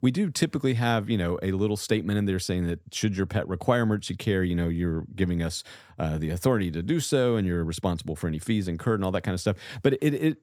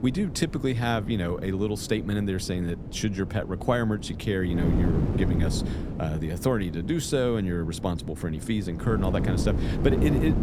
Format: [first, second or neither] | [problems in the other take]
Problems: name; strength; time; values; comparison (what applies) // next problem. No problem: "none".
first | wind noise on the microphone; heavy; 8 dB below the speech